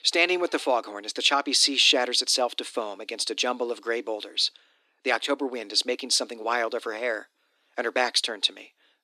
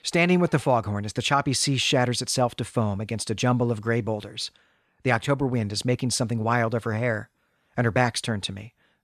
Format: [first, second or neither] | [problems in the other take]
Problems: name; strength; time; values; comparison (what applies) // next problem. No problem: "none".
second | thin; somewhat; fading below 300 Hz